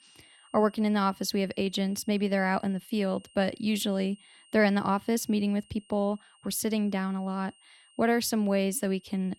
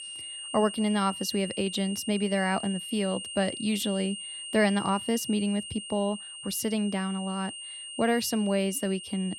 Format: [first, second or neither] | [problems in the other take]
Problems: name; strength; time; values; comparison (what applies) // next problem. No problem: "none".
first | high-pitched whine; loud; throughout; 3 kHz, 8 dB below the speech; faint in the first